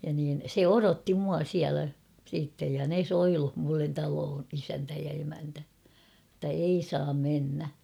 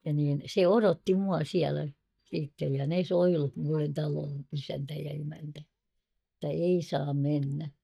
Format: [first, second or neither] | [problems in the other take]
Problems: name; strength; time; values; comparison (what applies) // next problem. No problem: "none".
first | noise reduction (neural mask model DeepFilterNet 3)